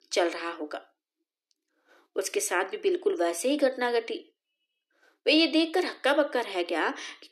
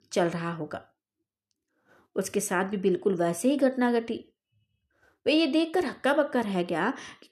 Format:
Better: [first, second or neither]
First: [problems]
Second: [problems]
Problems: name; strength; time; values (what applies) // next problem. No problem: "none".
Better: second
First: thin; somewhat; fading below 300 Hz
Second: none